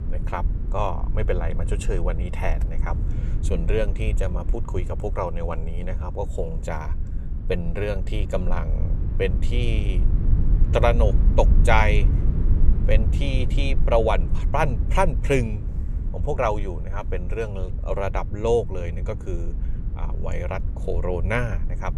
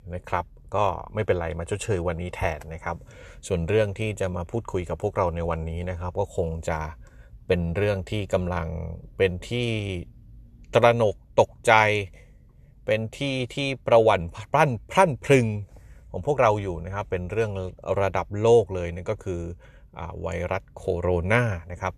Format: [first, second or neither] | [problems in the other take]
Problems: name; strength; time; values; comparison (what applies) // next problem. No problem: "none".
second | low rumble; noticeable; throughout; 15 dB below the speech